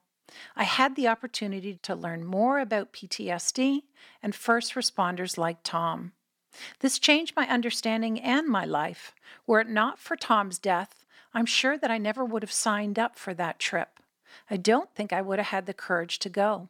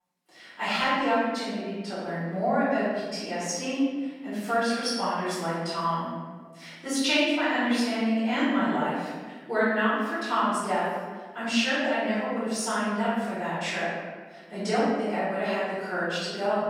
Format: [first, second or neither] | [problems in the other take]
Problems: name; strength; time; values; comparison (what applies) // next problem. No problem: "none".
first | room echo; strong; dies away in 1.4 s // off-mic speech; far